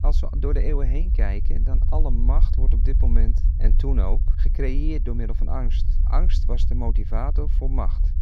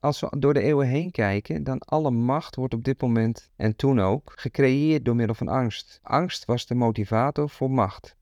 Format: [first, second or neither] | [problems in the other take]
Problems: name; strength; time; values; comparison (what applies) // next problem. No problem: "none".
second | low rumble; loud; throughout; 10 dB below the speech